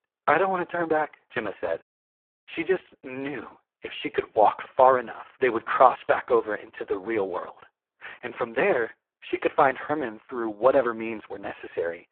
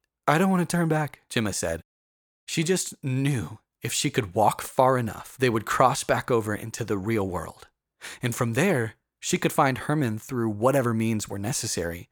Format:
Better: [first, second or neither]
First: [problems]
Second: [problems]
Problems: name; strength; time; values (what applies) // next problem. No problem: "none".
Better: second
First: phone-call audio; poor line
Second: none